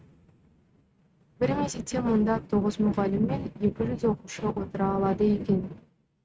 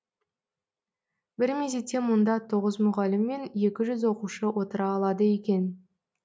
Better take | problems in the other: second | noise reduction (neural mask model RNNoise)

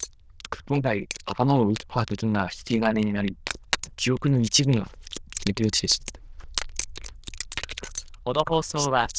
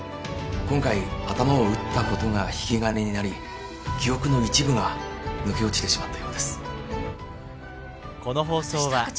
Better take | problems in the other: second | noise reduction (neural diffusion model UNIVERSE++)

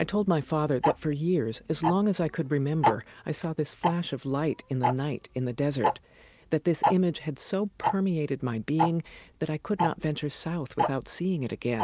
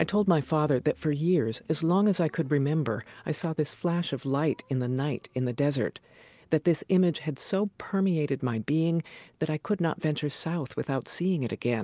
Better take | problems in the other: second | background sound (Tick-tock); 5 dB below the speech

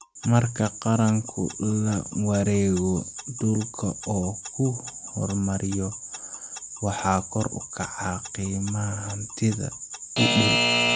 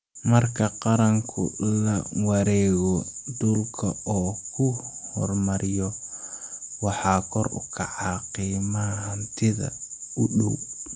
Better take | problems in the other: second | background sound (Alarm / Clock); 7 dB below the speech

